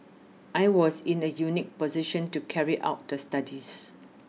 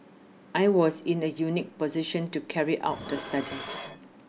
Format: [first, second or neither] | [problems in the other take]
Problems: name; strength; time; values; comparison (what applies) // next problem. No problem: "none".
first | background sound (Dishes, pots, and pans); 15 dB below the speech